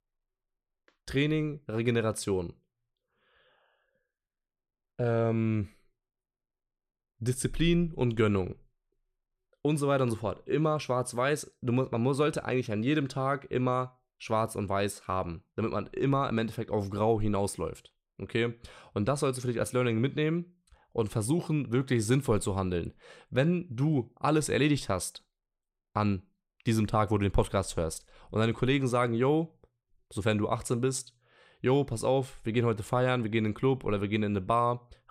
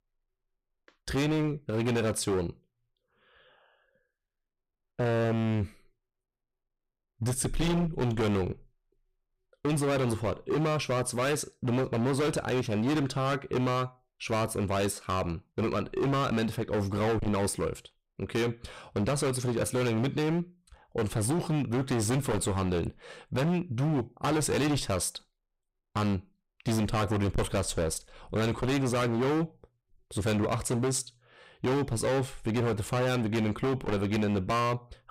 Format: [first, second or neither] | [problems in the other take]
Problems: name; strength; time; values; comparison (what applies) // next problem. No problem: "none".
first | distortion; heavy; 19% of the sound clipped